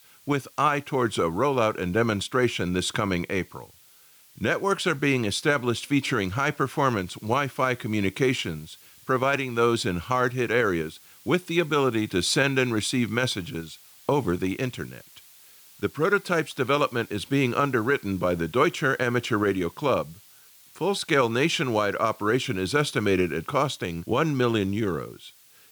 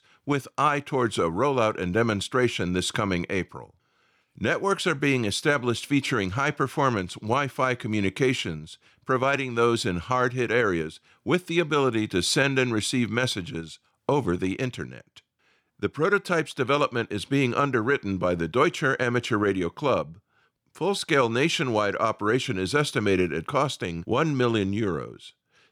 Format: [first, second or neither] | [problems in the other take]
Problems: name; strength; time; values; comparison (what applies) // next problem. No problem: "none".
second | hiss; faint; throughout; 25 dB below the speech